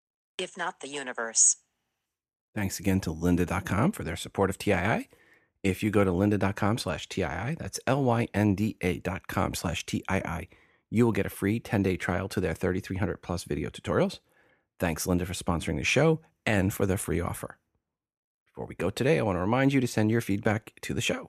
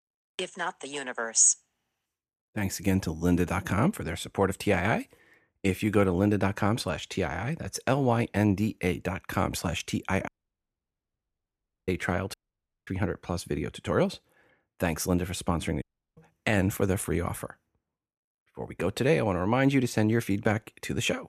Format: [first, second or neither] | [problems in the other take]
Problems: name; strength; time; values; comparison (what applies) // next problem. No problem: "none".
first | audio cutting out; at 10 s for 1.5 s, at 12 s for 0.5 s and at 16 s